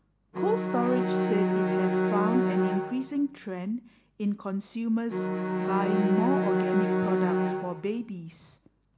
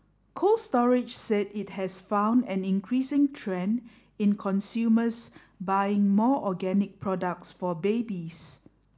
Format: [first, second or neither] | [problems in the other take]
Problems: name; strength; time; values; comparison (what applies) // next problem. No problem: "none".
second | background sound (Bowed string instrument); 3 dB above the speech